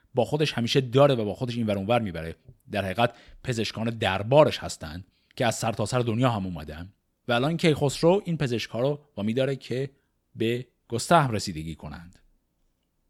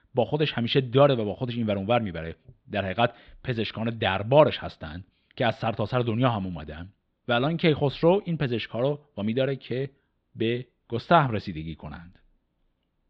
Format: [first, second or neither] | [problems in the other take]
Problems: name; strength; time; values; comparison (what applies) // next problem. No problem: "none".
first | muffled; slightly; fading above 3.5 kHz